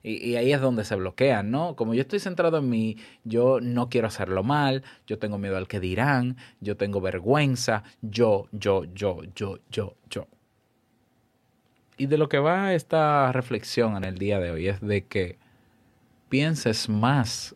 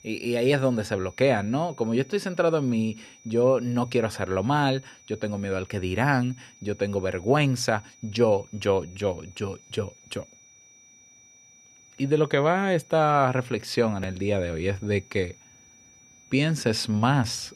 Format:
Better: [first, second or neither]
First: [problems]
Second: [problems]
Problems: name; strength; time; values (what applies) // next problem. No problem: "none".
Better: first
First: none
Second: high-pitched whine; faint; throughout; 6 kHz, 25 dB below the speech